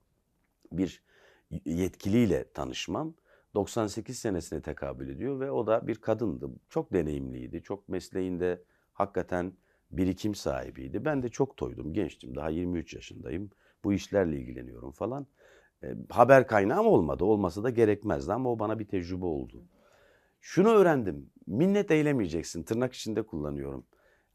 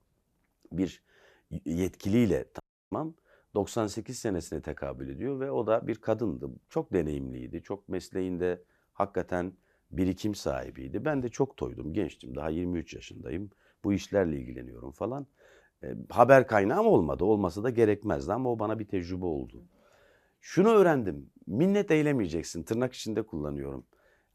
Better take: first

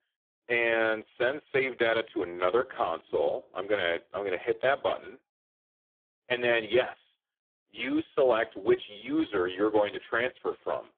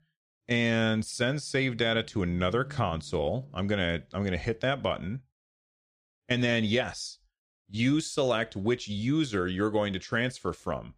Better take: second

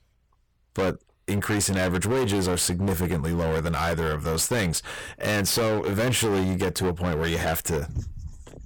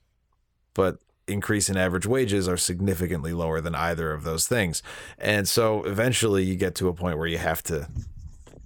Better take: second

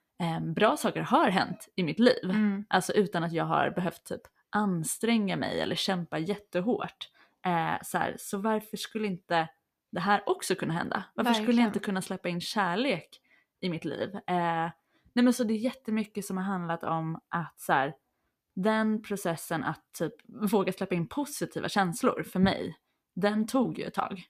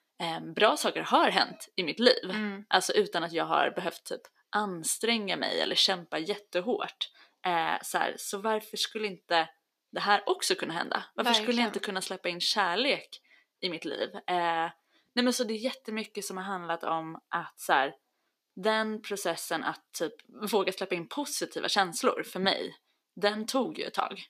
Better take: first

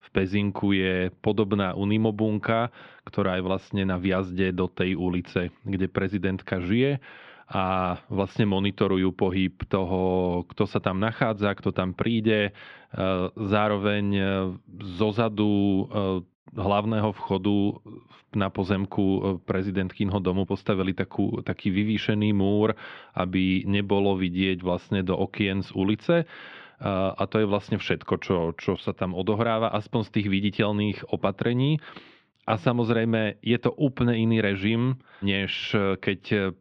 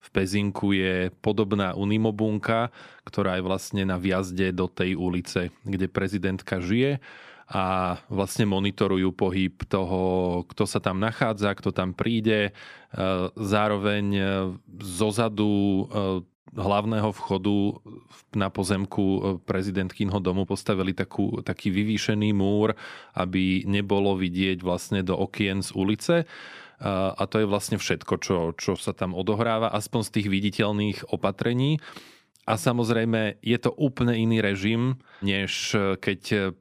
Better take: second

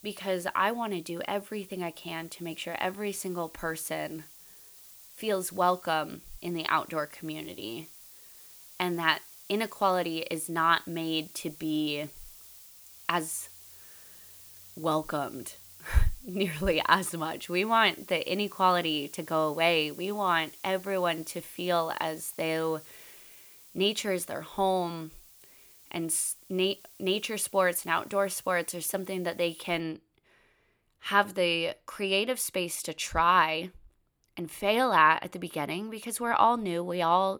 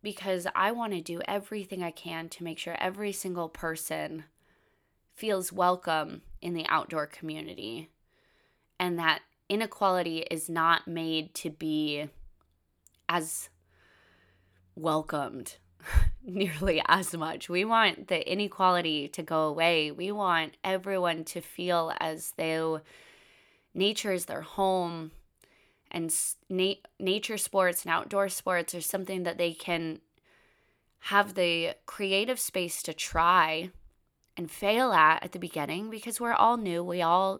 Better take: second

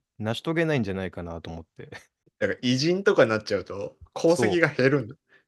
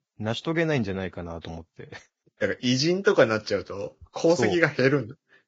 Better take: first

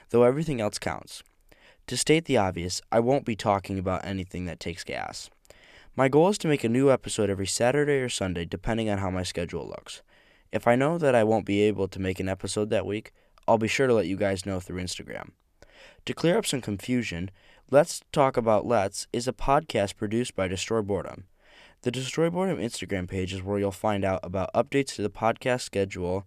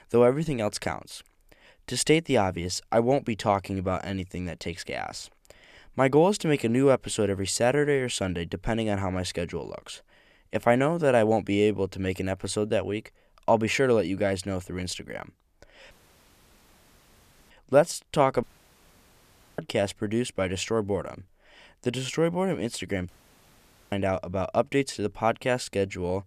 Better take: first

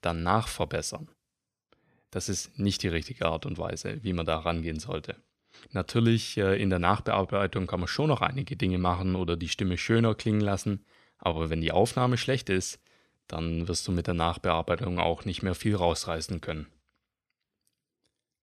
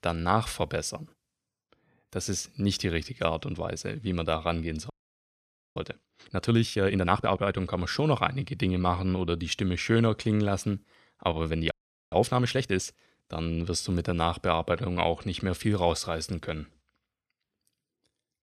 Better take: first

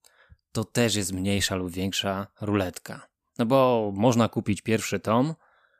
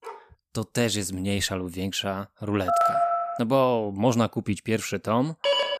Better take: first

